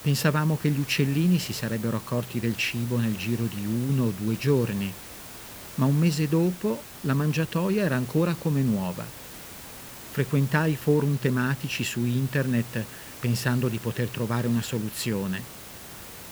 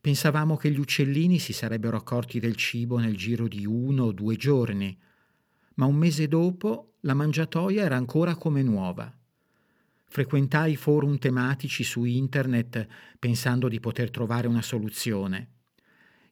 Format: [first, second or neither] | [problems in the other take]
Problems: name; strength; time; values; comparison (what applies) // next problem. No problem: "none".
second | hiss; noticeable; throughout; 15 dB below the speech